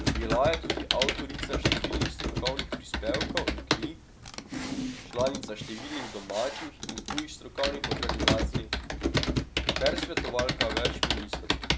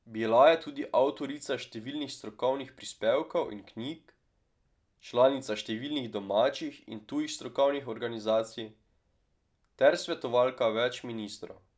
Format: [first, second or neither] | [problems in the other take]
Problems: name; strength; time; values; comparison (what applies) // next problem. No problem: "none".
second | background sound (Computer keyboard); 4 dB above the speech